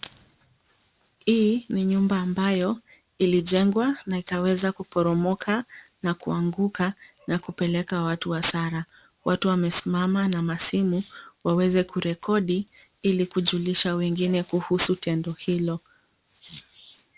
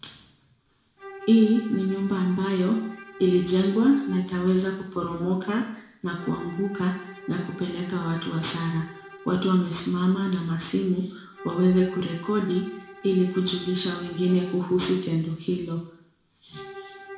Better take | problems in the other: first | background sound (Bowed string instrument); 19 dB below the speech // room echo; dies away in 0.6 s

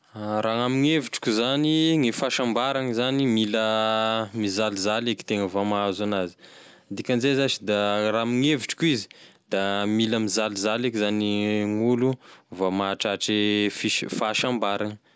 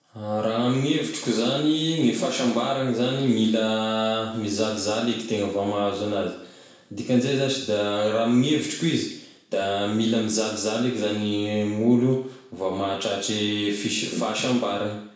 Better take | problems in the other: first | room echo; dies away in 0.6 s

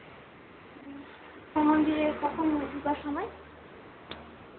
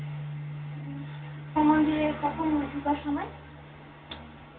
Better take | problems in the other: first | background sound (Bass guitar); 11 dB below the speech // room echo; dies away in 0.2 s

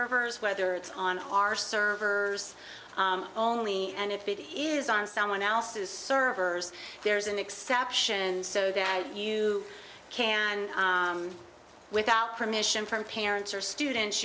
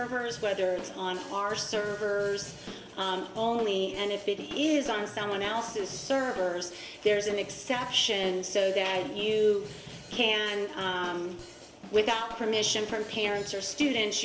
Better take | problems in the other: first | background sound (Drum / Drum kit); 16 dB below the speech // room echo; dies away in 1.5 s

